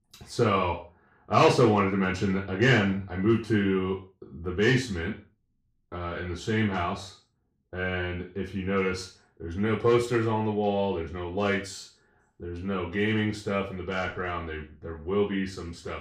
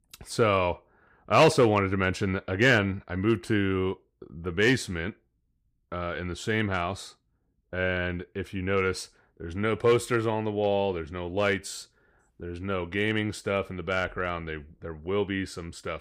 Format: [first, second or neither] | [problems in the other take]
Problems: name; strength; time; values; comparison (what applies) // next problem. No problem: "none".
second | room echo; slight; dies away in 0.3 s // off-mic speech; far